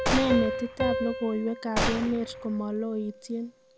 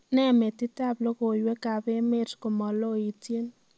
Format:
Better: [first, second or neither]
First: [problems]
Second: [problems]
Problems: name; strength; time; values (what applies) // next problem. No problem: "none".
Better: second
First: background sound (Piano + Gunshot, gunfire); 2 dB below the speech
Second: none